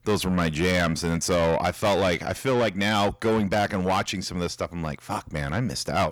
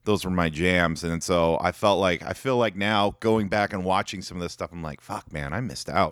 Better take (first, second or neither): second